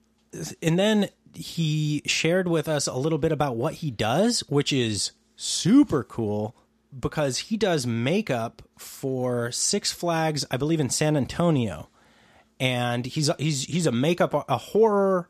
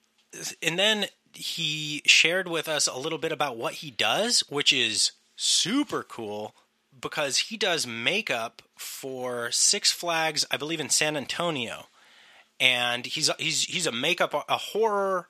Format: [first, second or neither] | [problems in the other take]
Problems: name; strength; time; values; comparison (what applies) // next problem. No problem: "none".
first | thin; somewhat; fading below 1 kHz